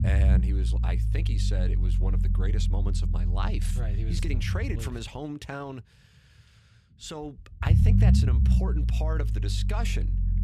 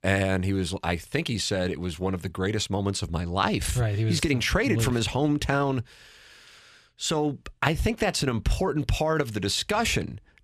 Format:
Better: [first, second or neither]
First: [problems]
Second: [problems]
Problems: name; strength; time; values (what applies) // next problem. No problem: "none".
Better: second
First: low rumble; loud; throughout; 3 dB below the speech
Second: none